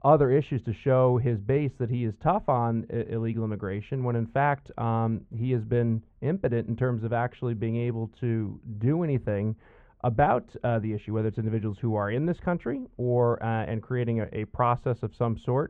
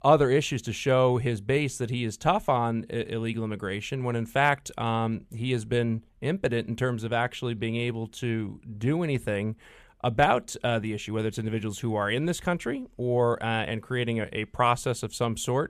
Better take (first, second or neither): second